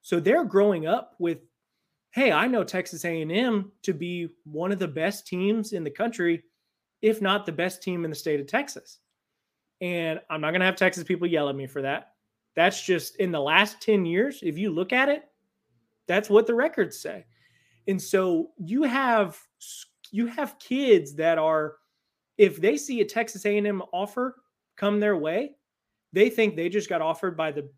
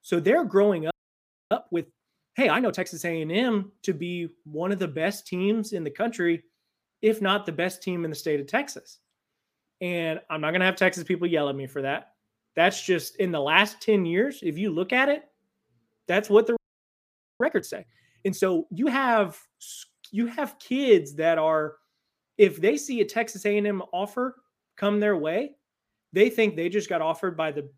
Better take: first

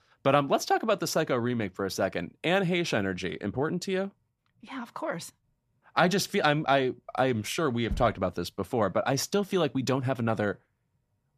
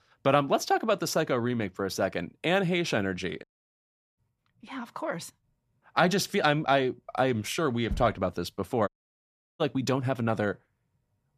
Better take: first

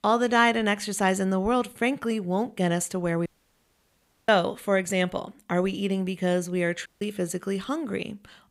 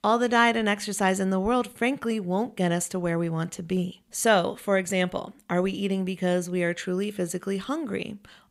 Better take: second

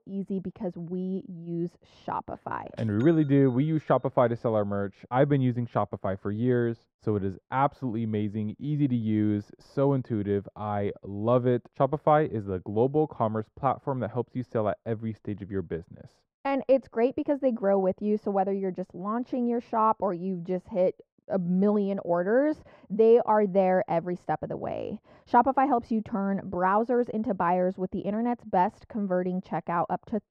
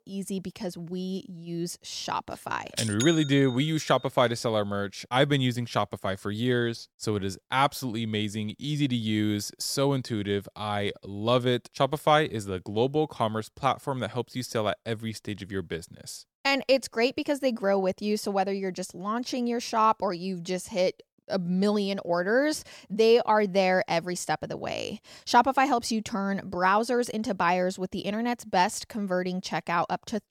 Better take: second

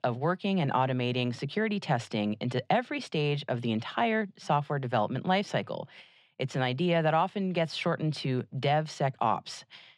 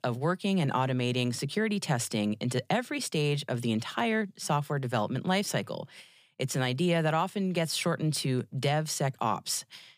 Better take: second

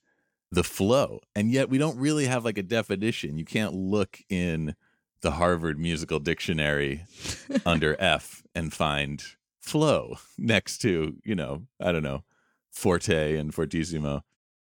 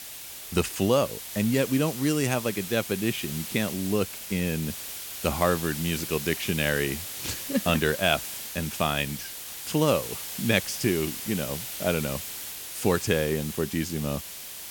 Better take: first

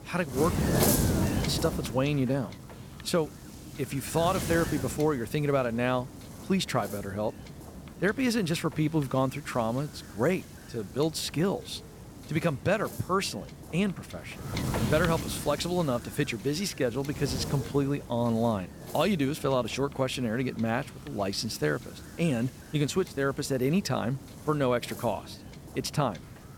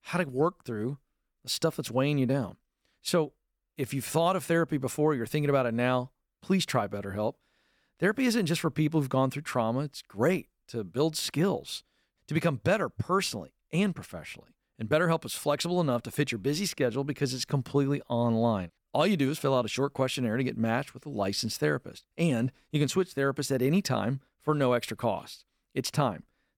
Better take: second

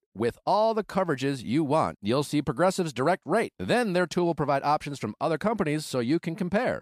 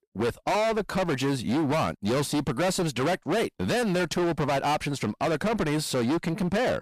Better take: first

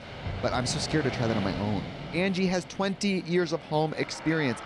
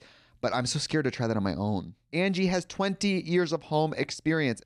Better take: second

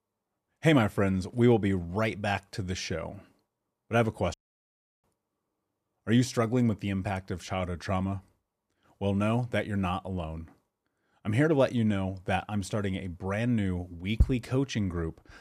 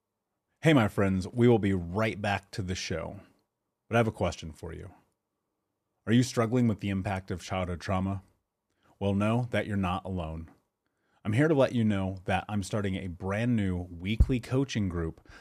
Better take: second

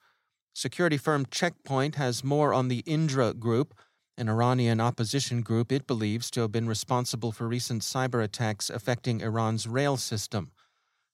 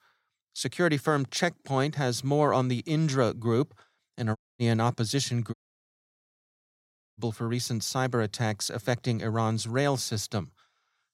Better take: first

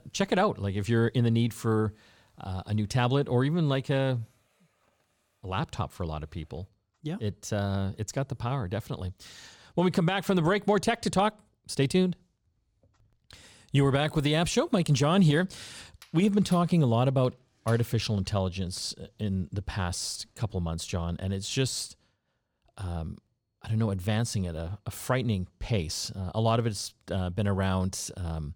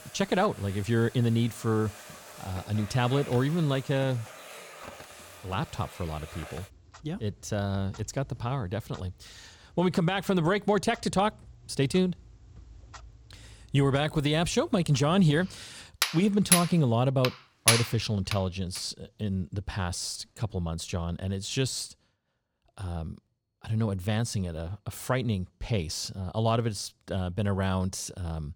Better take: first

